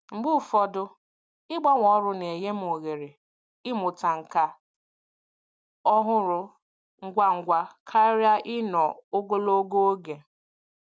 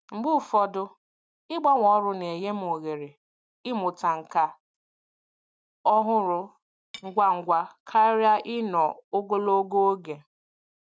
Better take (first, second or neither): first